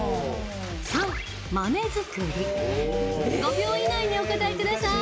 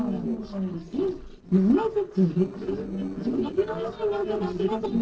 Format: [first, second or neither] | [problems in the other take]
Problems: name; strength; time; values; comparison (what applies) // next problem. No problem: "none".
first | noise reduction (neural separator model SepFormer DNS4)